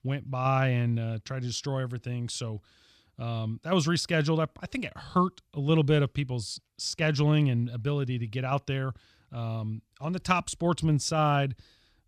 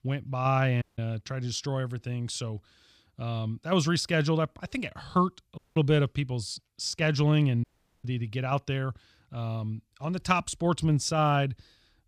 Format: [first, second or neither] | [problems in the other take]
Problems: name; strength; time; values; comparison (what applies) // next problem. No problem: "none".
first | audio cutting out; at 1 s, at 5.5 s and at 7.5 s